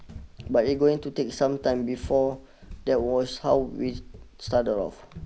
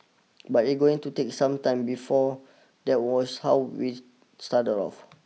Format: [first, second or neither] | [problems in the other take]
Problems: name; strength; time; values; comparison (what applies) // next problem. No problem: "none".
second | background sound (Run); 15 dB below the speech